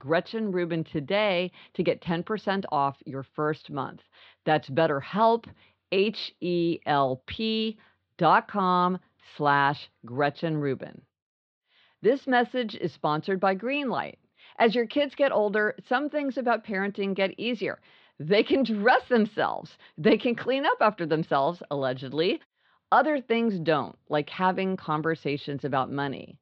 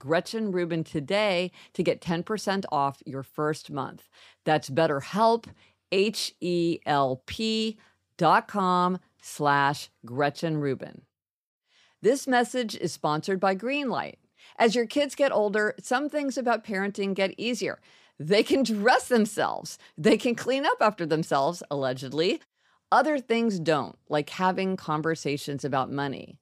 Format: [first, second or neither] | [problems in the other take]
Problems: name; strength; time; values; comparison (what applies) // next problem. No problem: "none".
second | muffled; very slightly; fading above 4 kHz